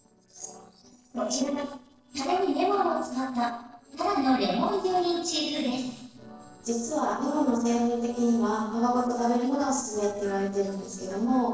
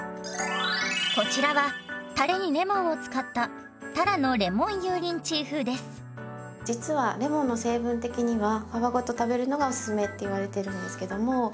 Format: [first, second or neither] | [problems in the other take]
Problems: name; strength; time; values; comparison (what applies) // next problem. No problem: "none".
second | noise reduction (neural separator model SepFormer DNS4)